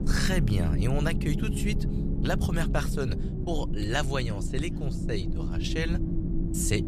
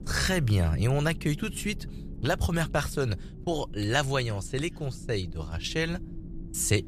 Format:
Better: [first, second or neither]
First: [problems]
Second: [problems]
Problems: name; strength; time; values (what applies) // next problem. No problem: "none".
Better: second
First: low rumble; loud; throughout; 6 dB below the speech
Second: low rumble; faint; throughout; 20 dB below the speech